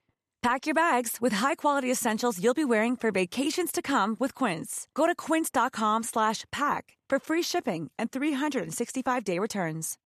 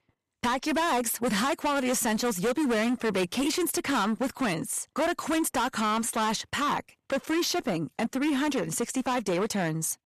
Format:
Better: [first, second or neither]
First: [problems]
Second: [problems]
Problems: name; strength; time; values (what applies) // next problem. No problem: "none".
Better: first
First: none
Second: distortion; heavy; 19% of the sound clipped